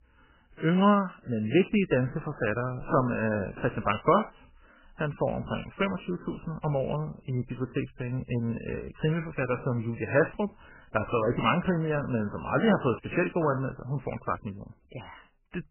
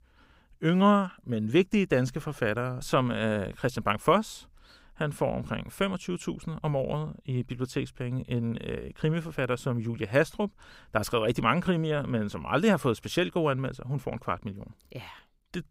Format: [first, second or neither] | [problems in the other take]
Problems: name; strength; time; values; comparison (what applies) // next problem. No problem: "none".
second | garbled, watery; badly; nothing above 3 kHz